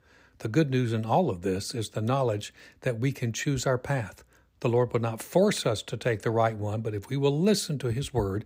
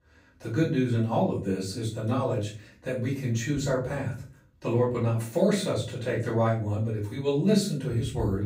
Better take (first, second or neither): first